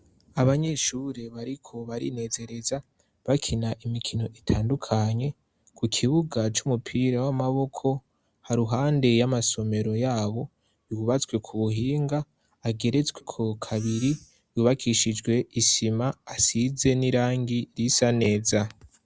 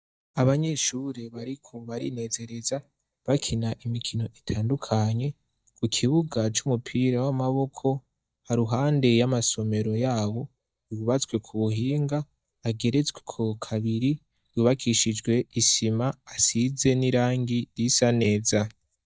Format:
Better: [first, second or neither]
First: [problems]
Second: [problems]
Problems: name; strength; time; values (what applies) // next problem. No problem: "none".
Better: first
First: none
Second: noise reduction (neural mask model DeepFilterNet 3)